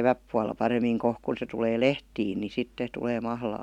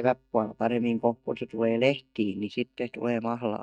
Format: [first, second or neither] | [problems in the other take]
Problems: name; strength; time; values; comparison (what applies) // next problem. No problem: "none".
first | noise reduction (neural mask model DeepFilterNet 3)